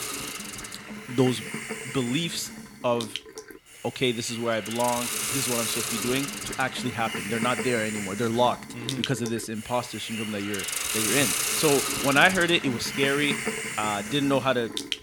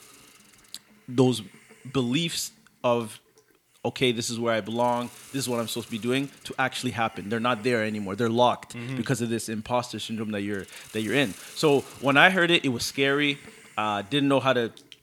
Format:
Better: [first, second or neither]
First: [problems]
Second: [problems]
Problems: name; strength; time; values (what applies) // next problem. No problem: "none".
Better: second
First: hiss; loud; throughout; 3 dB below the speech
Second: hiss; faint; throughout; 25 dB below the speech